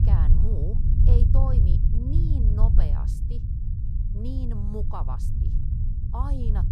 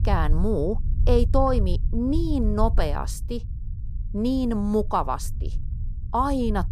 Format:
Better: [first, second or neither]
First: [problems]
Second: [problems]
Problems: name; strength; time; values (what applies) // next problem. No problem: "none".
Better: second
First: low rumble; loud; throughout; 1 dB below the speech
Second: low rumble; faint; throughout; 20 dB below the speech